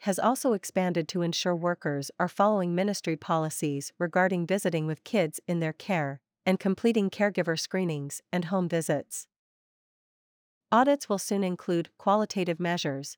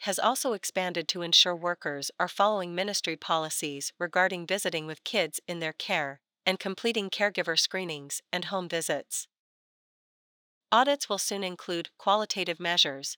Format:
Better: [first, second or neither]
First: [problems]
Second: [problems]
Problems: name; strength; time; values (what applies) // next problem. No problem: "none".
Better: first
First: none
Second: thin; somewhat; fading below 850 Hz